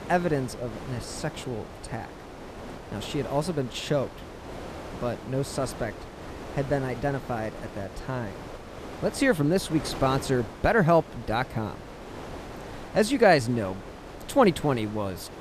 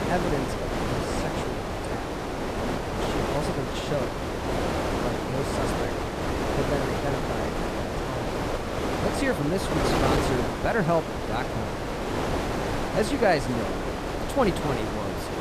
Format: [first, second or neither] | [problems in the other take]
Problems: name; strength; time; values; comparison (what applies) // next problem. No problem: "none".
first | wind noise on the microphone; heavy; 1 dB above the speech; occasional gusts in the first